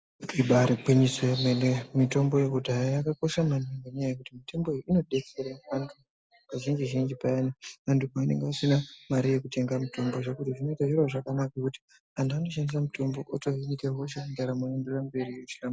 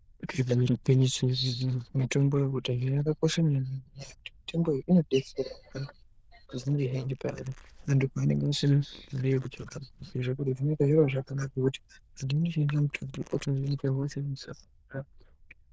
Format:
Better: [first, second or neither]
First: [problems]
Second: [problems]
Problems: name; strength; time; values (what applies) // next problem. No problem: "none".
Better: first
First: none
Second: noise reduction (neural diffusion model UNIVERSE++)